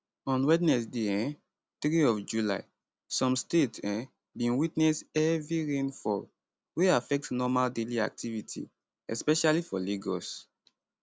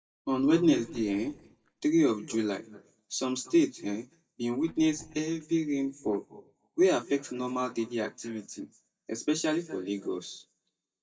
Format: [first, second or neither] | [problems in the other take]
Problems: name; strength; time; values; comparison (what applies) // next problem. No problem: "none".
first | noise reduction (neural mask model DeepFilterNet 3)